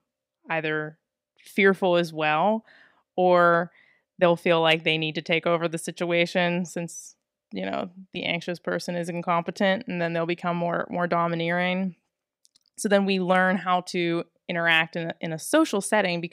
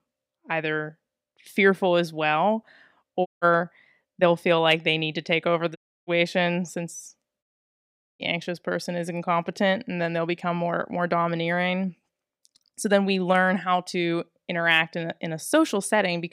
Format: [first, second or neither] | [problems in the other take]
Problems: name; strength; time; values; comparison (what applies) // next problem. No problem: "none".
first | audio cutting out; at 3.5 s, at 6 s and at 7.5 s for 0.5 s